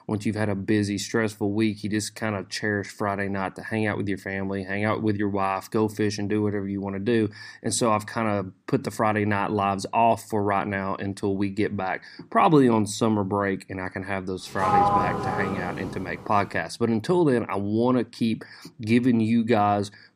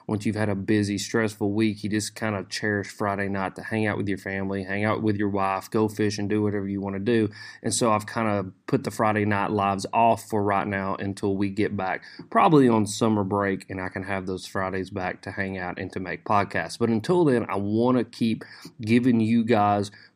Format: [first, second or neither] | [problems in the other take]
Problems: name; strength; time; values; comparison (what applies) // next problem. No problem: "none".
second | door banging; loud; from 15 to 16 s; peak 5 dB above the speech